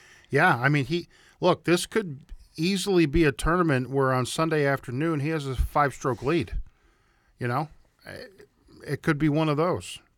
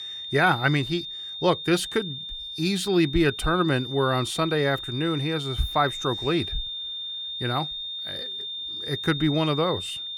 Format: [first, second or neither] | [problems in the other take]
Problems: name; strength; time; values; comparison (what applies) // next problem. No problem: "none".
first | high-pitched whine; loud; throughout; 3.5 kHz, 7 dB below the speech